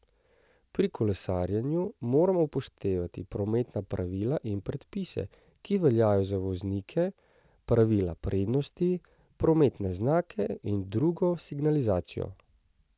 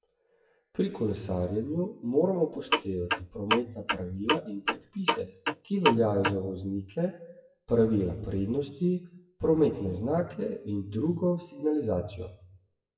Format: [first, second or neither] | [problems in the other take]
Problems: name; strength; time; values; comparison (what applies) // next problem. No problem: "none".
first | noise reduction (classical method WPE with log-MMSE)